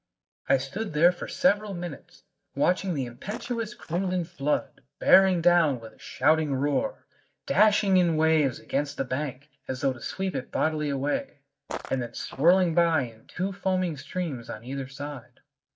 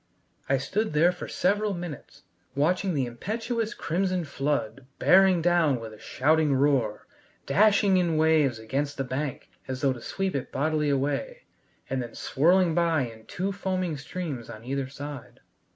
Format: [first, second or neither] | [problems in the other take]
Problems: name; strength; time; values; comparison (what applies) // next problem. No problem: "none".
second | noise reduction (neural mask model DeepFilterNet 3)